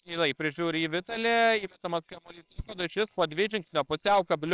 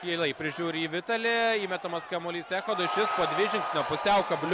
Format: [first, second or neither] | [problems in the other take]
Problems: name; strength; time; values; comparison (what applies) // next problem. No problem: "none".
second | noise reduction (neural separator model SepFormer WHAMR!)